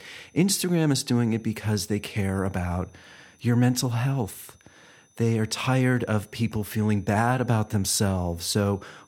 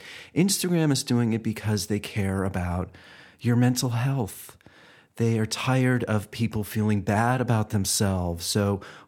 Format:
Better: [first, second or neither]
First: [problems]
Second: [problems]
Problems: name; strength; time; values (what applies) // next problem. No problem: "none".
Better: second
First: high-pitched whine; faint; throughout; 6 kHz, 35 dB below the speech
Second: none